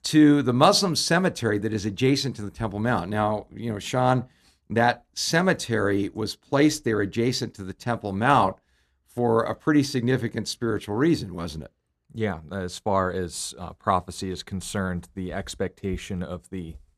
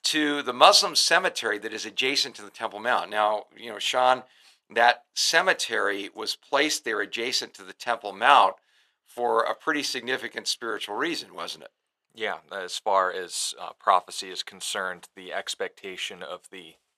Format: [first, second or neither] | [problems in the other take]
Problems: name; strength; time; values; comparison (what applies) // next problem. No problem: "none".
first | thin; very; fading below 700 Hz